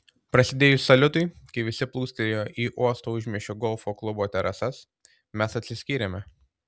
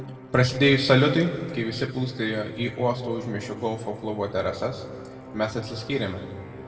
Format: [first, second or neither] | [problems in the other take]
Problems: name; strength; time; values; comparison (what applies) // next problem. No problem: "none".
first | background sound (Musical instrument); 17 dB below the speech // room echo; dies away in 1.9 s